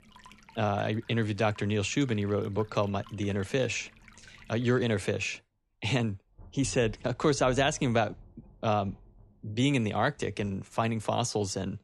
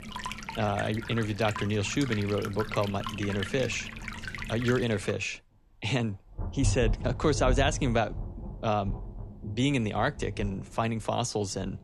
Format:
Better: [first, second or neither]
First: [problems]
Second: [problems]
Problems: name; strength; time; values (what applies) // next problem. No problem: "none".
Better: first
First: rain or running water; faint; throughout; 25 dB below the speech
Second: rain or running water; loud; throughout; 7 dB below the speech